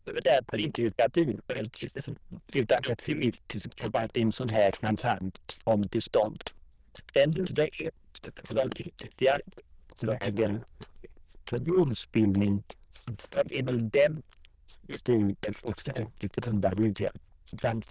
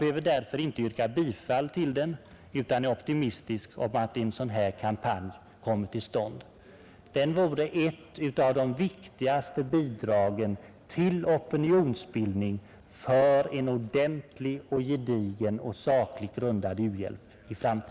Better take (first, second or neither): second